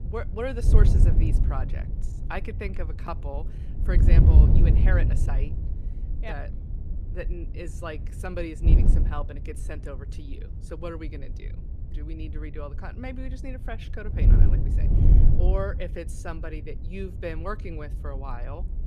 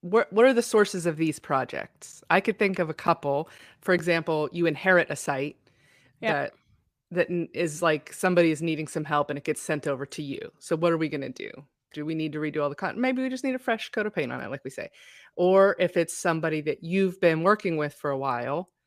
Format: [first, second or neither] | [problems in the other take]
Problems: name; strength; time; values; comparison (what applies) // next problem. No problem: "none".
second | wind noise on the microphone; heavy; 2 dB below the speech